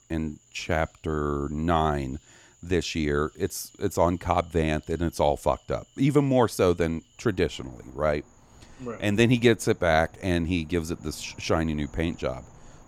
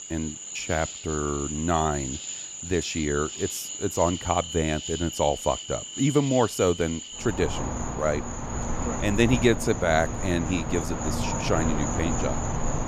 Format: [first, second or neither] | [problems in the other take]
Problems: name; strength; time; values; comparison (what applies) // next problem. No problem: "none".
first | animal sounds; loud; throughout; 5 dB below the speech; faint in the first